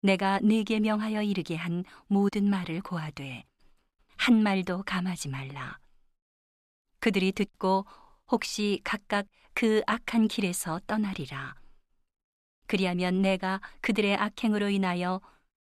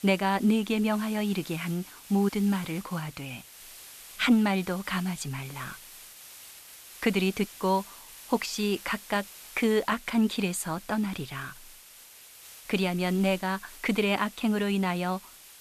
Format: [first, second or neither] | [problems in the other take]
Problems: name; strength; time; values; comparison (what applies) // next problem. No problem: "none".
first | hiss; noticeable; throughout; 15 dB below the speech